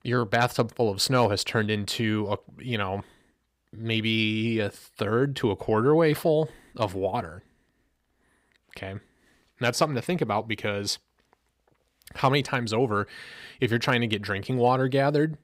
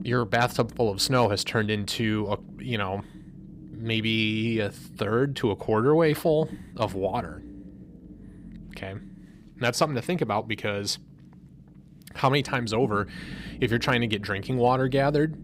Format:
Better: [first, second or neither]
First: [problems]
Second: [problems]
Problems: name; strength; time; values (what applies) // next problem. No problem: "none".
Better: first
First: none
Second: low rumble; faint; throughout; 25 dB below the speech